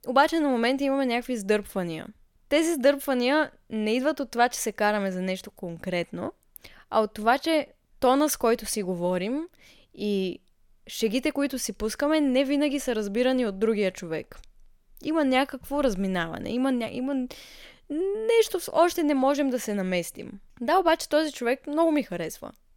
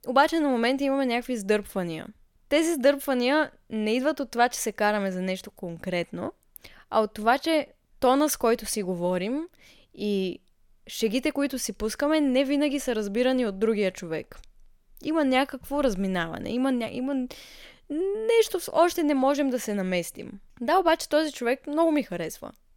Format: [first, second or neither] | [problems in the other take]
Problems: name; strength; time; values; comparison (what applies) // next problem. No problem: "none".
neither | none